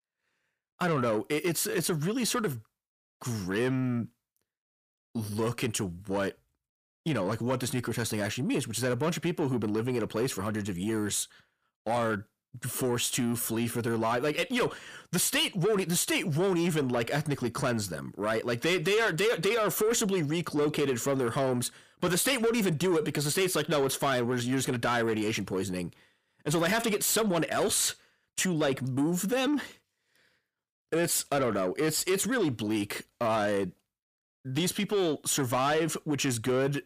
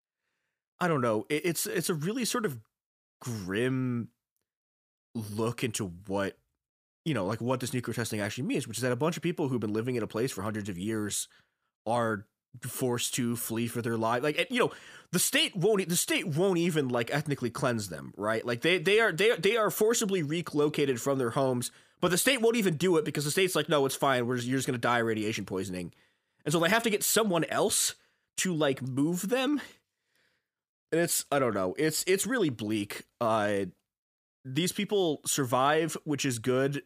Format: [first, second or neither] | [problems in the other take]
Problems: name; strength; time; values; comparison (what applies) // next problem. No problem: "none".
second | distortion; slight; 10 dB below the speech